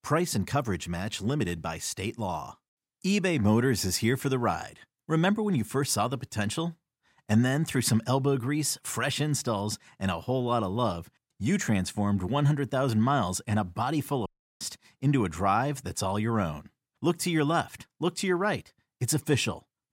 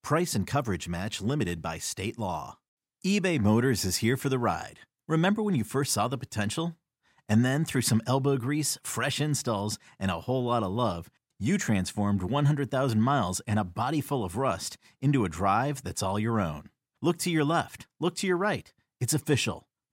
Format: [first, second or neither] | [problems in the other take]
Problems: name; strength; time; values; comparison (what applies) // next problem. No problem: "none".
second | audio cutting out; at 14 s